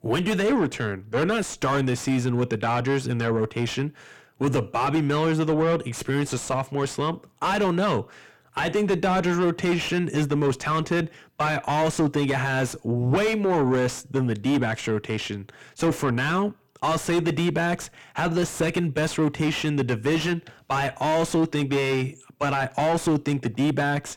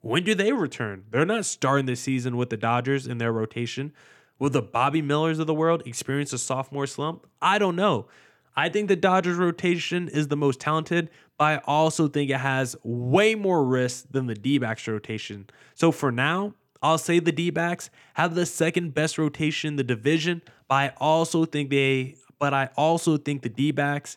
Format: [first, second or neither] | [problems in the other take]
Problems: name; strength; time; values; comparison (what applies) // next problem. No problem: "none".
second | distortion; heavy; 6 dB below the speech